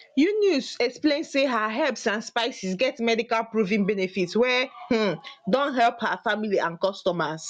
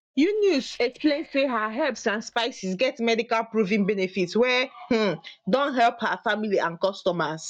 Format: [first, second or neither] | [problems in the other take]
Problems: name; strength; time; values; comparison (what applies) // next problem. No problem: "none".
first | noise reduction (neural mask model DeepFilterNet 3)